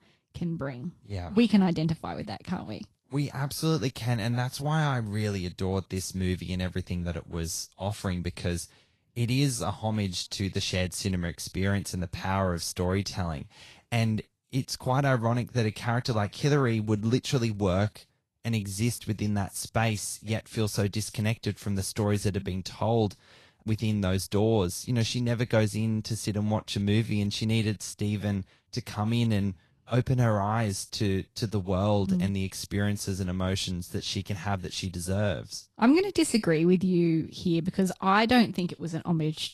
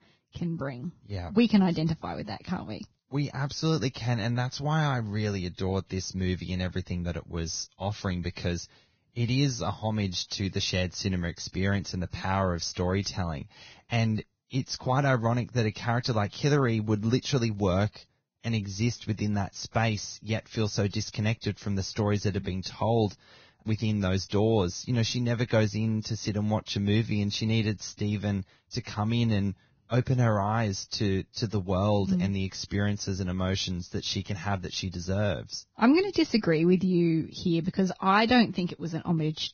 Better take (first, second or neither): first